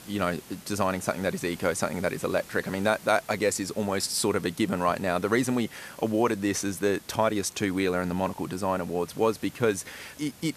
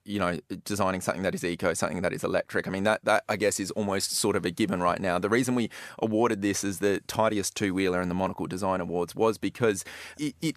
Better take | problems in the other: second | hiss; noticeable; throughout; 20 dB below the speech

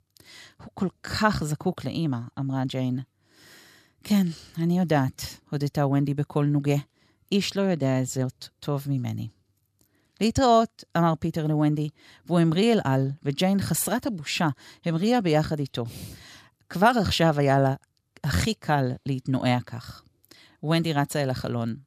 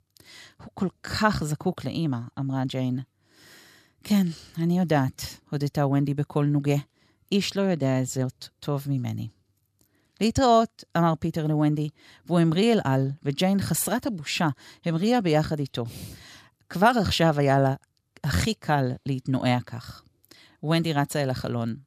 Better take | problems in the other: neither | none

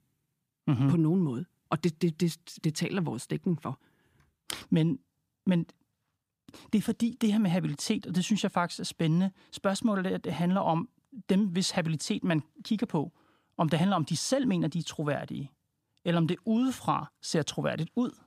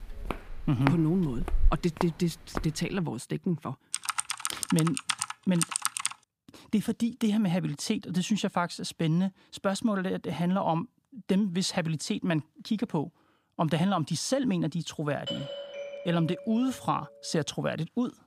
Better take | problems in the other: first | footsteps; noticeable; until 2.5 s; peak 2 dB below the speech // keyboard typing; loud; from 4 to 6 s; peak 1 dB above the speech // doorbell; noticeable; from 15 to 17 s; peak 6 dB below the speech

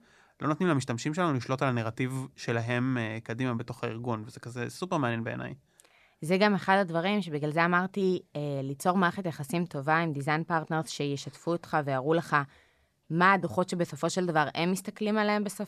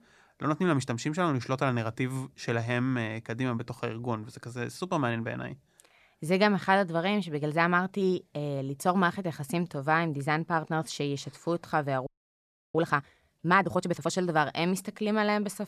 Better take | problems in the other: first | audio freezing; at 12 s for 0.5 s

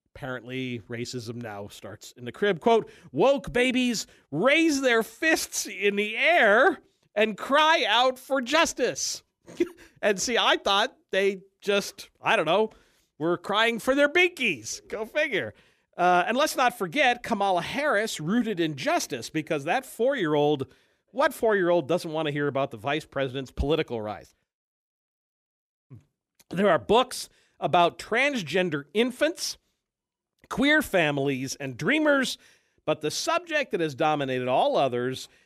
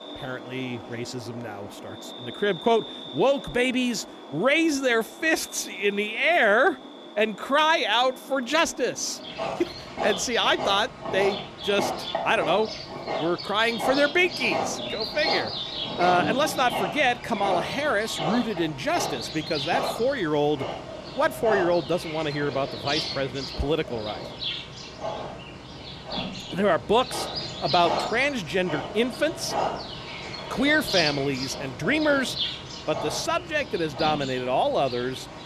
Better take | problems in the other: first | animal sounds; loud; throughout; 7 dB below the speech

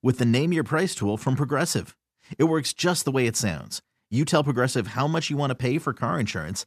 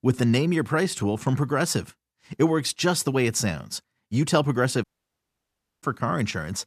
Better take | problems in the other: first | audio cutting out; at 5 s for 1 s

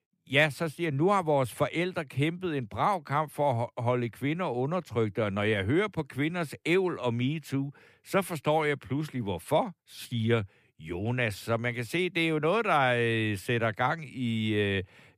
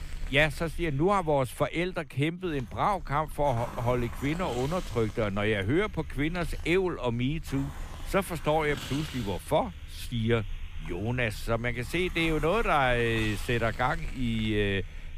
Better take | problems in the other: first | hiss; noticeable; throughout; 15 dB below the speech

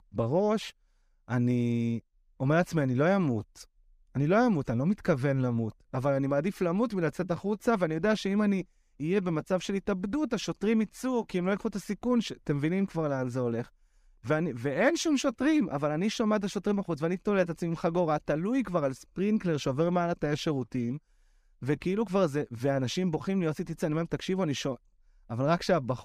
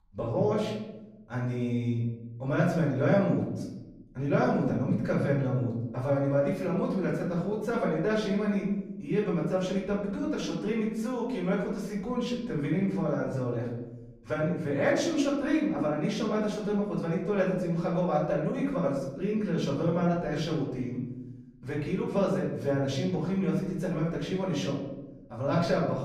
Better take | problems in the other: first | off-mic speech; far // room echo; noticeable; dies away in 1 s

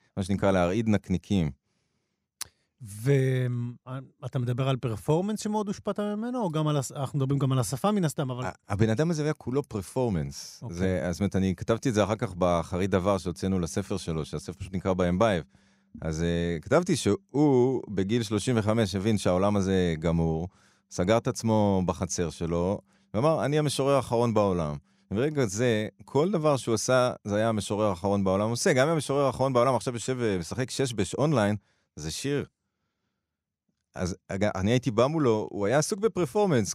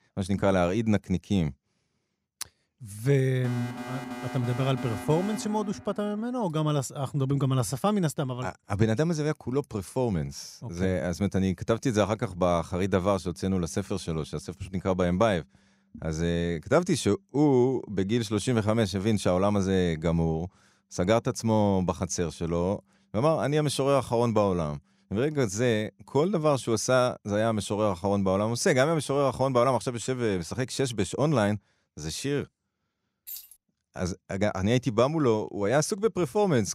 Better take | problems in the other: first | alarm; noticeable; from 3.5 to 6.5 s; peak 9 dB below the speech // jangling keys; faint; at 33 s; peak 15 dB below the speech

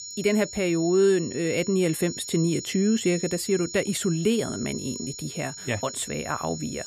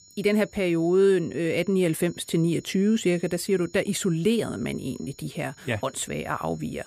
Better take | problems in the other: second | high-pitched whine; loud; throughout; 7 kHz, 10 dB below the speech; faint in the second

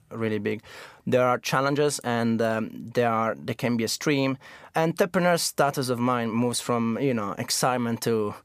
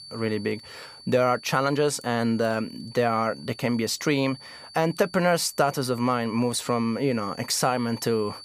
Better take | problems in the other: first | high-pitched whine; noticeable; throughout; 4.5 kHz, 20 dB below the speech

